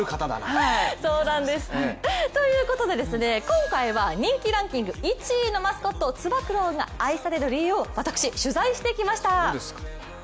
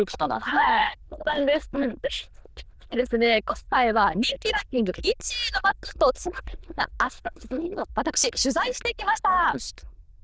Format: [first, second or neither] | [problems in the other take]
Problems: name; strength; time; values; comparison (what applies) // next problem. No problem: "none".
first | noise reduction (neural diffusion model UNIVERSE++)